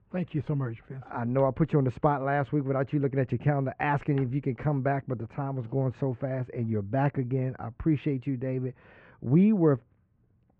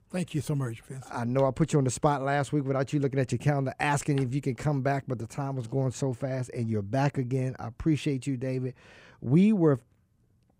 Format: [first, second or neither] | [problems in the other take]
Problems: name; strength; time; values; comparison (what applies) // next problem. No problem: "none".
second | muffled; very; fading above 2 kHz